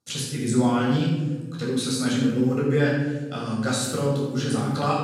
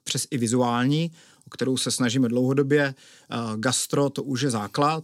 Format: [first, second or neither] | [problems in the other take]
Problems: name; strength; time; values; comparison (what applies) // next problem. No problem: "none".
second | off-mic speech; far // room echo; strong; dies away in 1.4 s